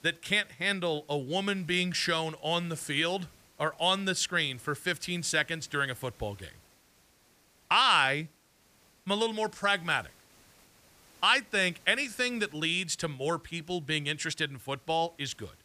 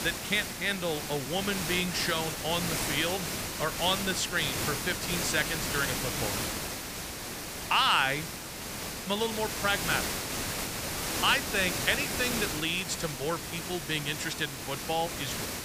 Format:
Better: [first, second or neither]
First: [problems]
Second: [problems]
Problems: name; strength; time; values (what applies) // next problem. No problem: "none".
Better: first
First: hiss; faint; throughout; 30 dB below the speech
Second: hiss; loud; throughout; 3 dB below the speech